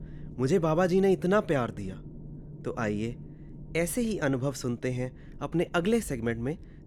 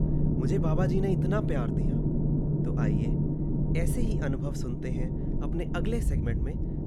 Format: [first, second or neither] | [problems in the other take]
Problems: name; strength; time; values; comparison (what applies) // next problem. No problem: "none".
first | low rumble; loud; throughout; as loud as the speech; faint in the first